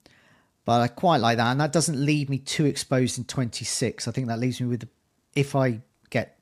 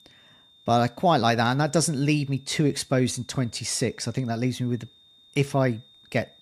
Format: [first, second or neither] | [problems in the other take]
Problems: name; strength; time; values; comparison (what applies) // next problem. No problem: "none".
first | high-pitched whine; faint; throughout; 3.5 kHz, 30 dB below the speech